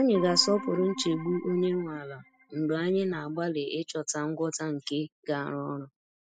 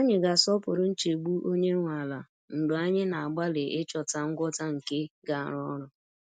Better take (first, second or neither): second